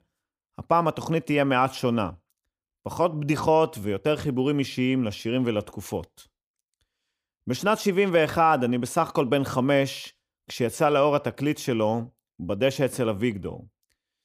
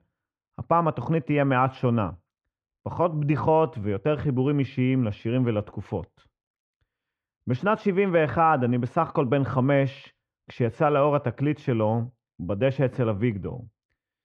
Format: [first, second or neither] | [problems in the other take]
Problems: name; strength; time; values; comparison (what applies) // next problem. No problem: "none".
first | muffled; very; fading above 2 kHz